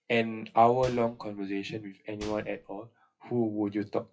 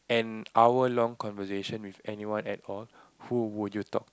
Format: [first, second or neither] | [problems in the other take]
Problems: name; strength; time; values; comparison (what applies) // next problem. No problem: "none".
second | noise reduction (classical method WPE with log-MMSE)